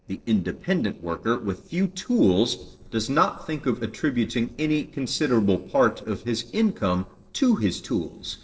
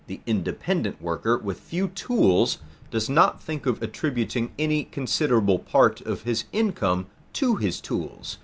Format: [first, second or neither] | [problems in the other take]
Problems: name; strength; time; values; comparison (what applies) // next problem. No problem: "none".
second | noise reduction (neural separator model SepFormer DNS4)